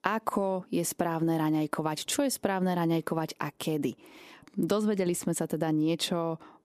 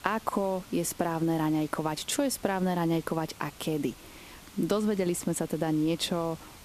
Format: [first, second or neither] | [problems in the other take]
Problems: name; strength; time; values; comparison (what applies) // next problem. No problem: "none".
first | hiss; noticeable; throughout; 20 dB below the speech